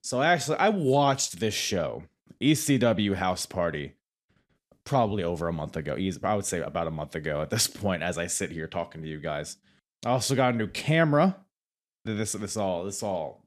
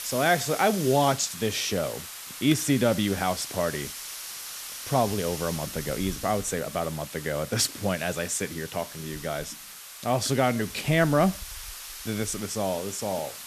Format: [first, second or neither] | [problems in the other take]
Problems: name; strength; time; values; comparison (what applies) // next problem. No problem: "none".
first | hiss; loud; throughout; 10 dB below the speech